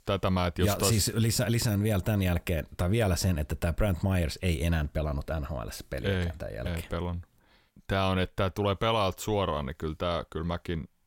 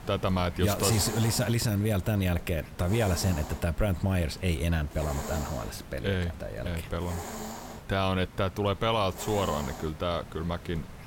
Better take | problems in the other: first | hiss; noticeable; throughout; 10 dB below the speech

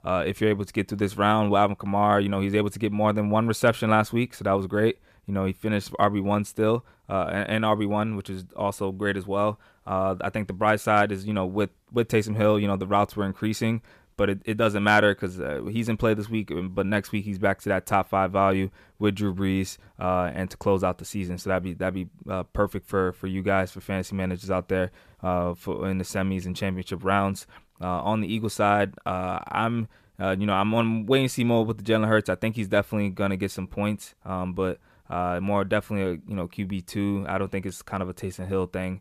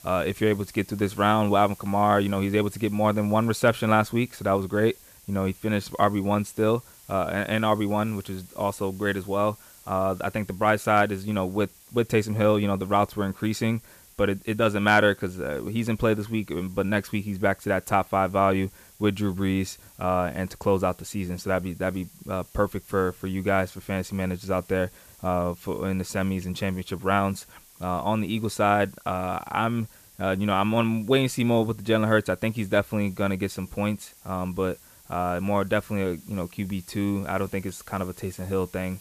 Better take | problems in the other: first | hiss; faint; throughout; 25 dB below the speech

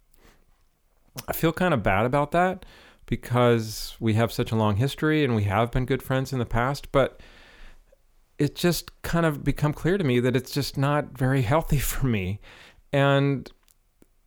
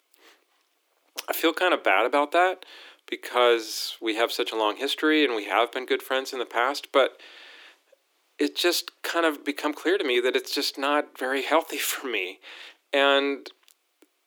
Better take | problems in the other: first | thin; somewhat; fading below 300 Hz

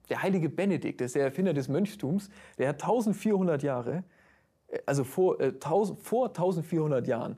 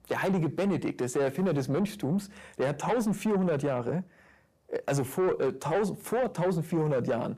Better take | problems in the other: first | distortion; slight; 10 dB below the speech

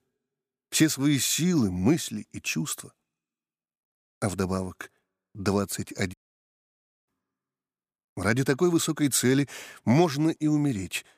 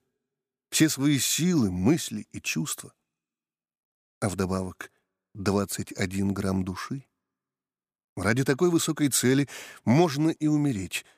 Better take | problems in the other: second | audio cutting out; at 6 s for 1 s

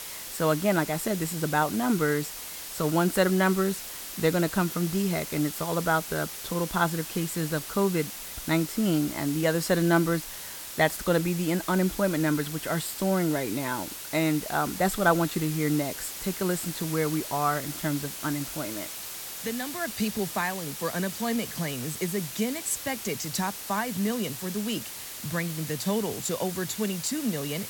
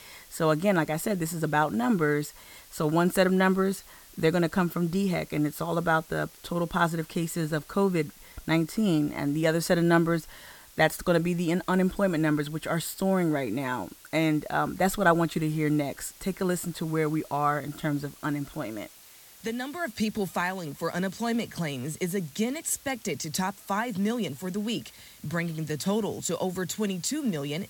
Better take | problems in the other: second | hiss; loud; throughout; 8 dB below the speech; faint in the second

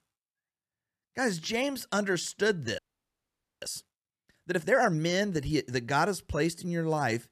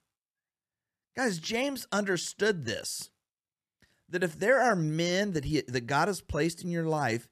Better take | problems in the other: second | audio freezing; at 3 s for 1 s

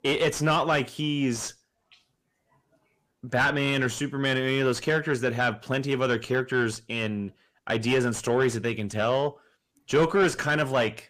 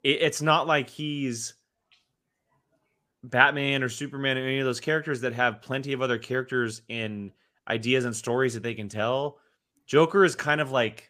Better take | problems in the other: second | distortion; heavy; 7 dB below the speech

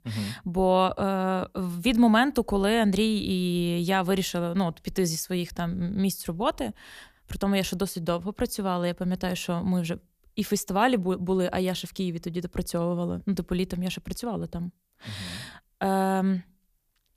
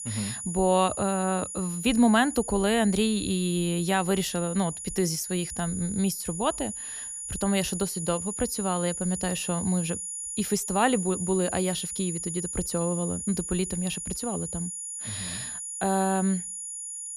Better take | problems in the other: first | high-pitched whine; loud; throughout; 10.5 kHz, 6 dB below the speech

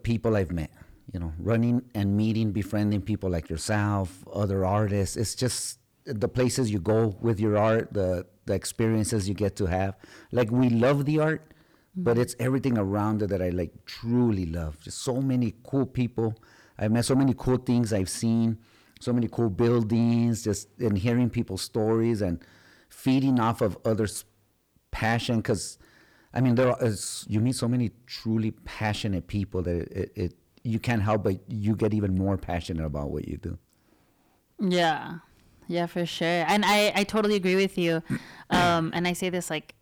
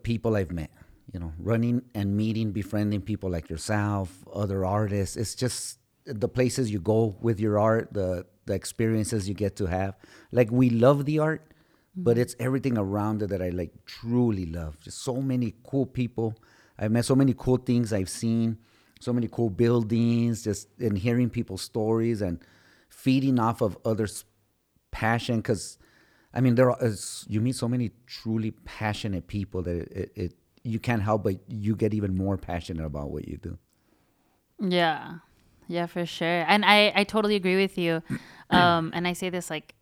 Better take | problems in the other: second | distortion; slight; 10 dB below the speech

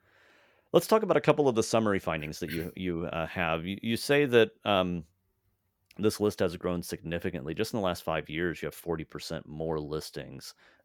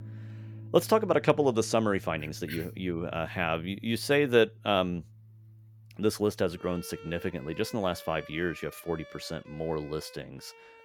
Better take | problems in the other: first | background music; noticeable; throughout; 20 dB below the speech

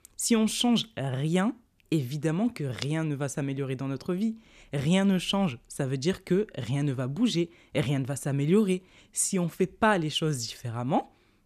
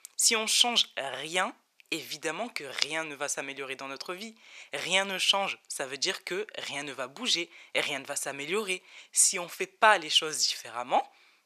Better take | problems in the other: first | thin; very; fading below 800 Hz

